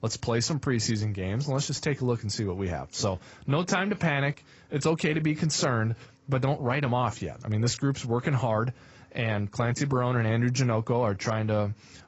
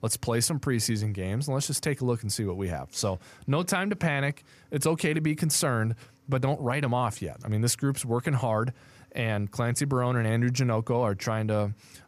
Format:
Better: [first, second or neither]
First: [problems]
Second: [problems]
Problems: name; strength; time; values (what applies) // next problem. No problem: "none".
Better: second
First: garbled, watery; badly; nothing above 8 kHz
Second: none